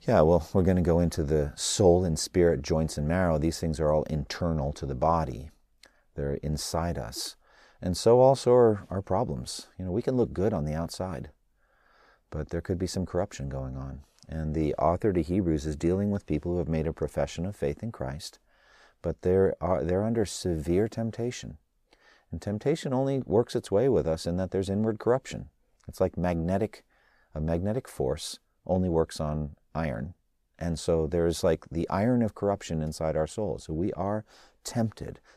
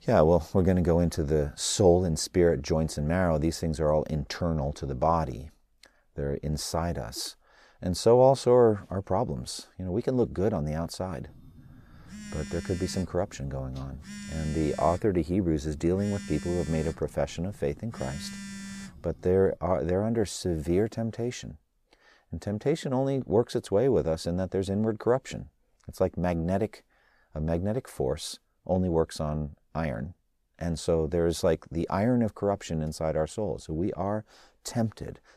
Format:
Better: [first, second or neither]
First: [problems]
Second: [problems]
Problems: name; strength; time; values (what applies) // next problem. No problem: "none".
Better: first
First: none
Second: phone ringing; faint; from 11 to 20 s; peak 10 dB below the speech